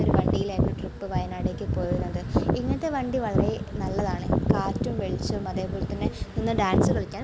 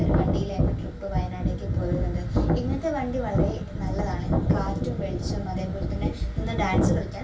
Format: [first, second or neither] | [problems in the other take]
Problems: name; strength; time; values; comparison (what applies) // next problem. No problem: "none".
first | room echo; dies away in 0.3 s